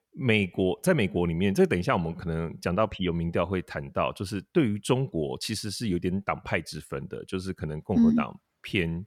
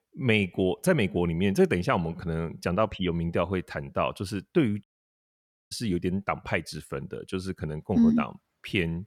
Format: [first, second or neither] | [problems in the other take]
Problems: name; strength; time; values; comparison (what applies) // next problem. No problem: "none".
first | audio cutting out; at 5 s for 1 s